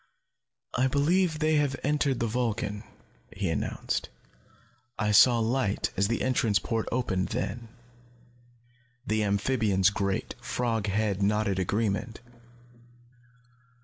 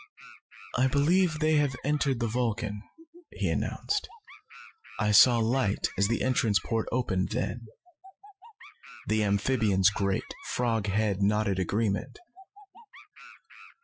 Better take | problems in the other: first | noise reduction (classical method Wiener filter)

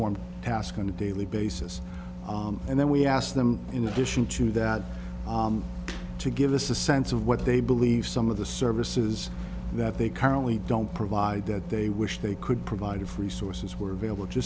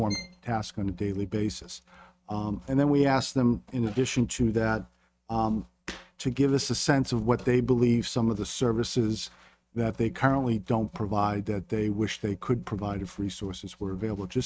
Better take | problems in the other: first | noise reduction (neural mask model RNNoise)

